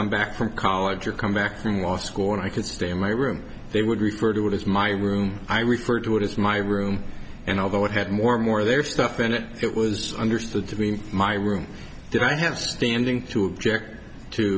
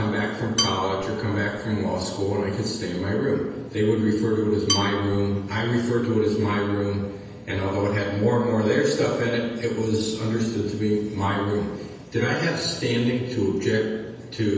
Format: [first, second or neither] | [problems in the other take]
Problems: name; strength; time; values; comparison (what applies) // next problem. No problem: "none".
first | background sound (Dishes, pots, and pans / Glass / Bell); 7 dB below the speech // room echo; dies away in 1.1 s